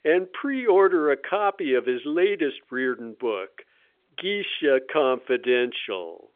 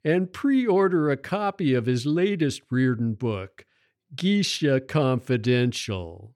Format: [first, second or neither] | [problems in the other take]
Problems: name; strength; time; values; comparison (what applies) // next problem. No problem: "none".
second | phone-call audio; nothing above 3.5 kHz